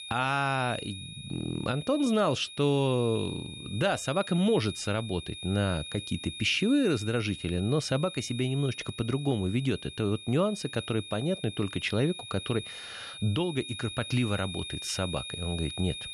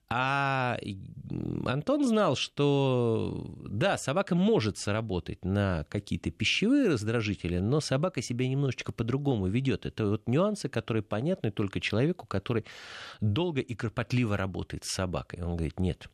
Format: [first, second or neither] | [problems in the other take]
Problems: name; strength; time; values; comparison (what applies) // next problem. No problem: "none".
second | high-pitched whine; noticeable; throughout; 3.5 kHz, 10 dB below the speech